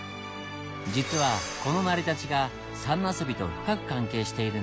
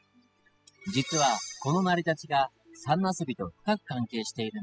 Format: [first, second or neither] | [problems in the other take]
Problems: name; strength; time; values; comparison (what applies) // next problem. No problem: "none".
first | noise reduction (classical method spectral subtraction)